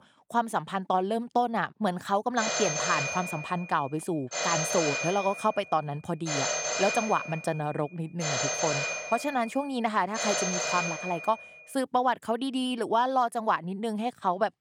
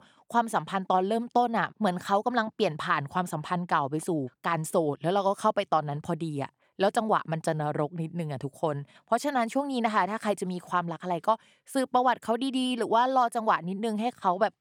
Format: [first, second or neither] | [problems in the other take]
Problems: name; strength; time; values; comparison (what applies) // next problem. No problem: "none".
second | phone ringing; loud; from 2.5 to 11 s; peak 2 dB above the speech